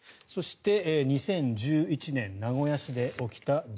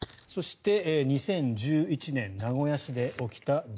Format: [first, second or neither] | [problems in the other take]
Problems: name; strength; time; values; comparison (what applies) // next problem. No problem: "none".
first | noise reduction (neural mask model Resemble Enhance denoiser)